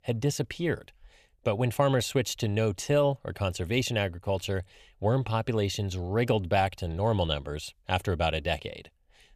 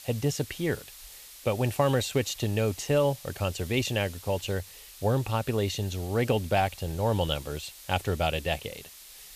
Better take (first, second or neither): first